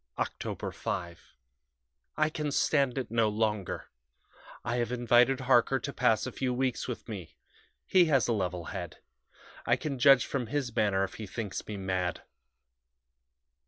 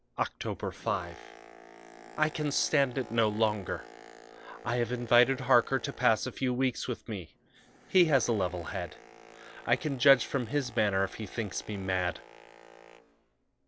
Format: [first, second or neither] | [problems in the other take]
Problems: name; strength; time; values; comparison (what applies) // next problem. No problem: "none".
first | background sound (Boat, Water vehicle); 19 dB below the speech